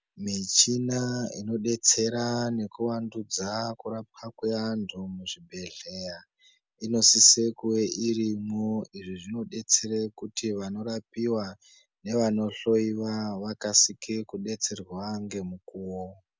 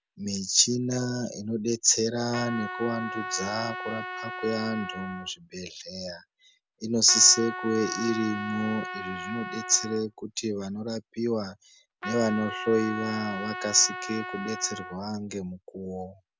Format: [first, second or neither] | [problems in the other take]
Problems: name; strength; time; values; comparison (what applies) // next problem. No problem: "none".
first | background sound (Trumpet); 8 dB below the speech